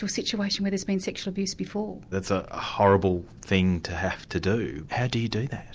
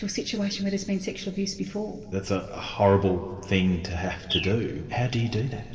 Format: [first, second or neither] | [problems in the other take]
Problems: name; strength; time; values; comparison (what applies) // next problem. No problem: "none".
first | background sound (Bird); 10 dB below the speech // room echo; dies away in 2 s